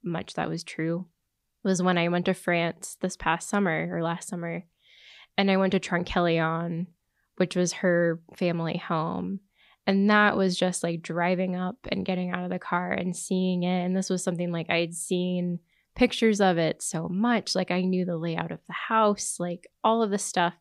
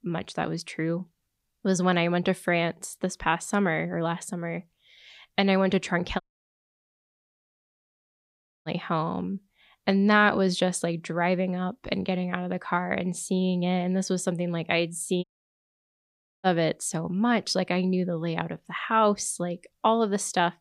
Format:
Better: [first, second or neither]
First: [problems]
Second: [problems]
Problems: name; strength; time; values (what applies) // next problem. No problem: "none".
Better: first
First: none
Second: audio cutting out; at 6 s for 2.5 s and at 15 s for 1 s